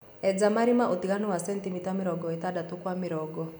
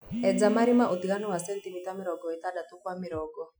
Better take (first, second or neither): first